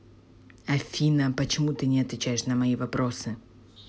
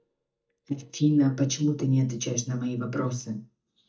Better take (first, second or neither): first